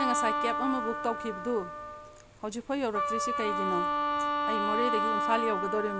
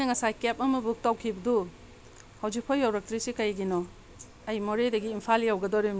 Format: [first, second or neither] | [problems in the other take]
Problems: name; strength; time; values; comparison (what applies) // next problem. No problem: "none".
second | background sound (Wind instrument, woodwind instrument); 2 dB above the speech